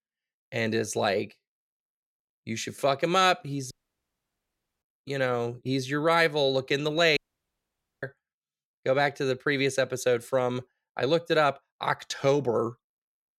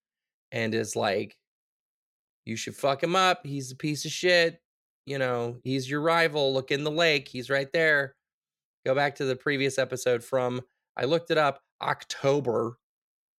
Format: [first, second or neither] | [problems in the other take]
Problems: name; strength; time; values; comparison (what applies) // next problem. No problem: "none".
second | audio cutting out; at 3.5 s for 1 s and at 7 s for 1 s